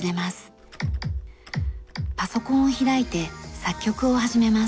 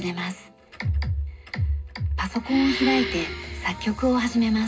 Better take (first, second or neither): first